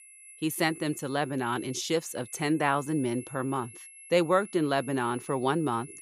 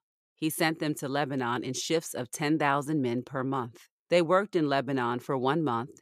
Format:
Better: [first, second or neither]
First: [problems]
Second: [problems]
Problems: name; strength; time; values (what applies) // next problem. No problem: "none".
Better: second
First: high-pitched whine; noticeable; throughout; 11 kHz, 15 dB below the speech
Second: none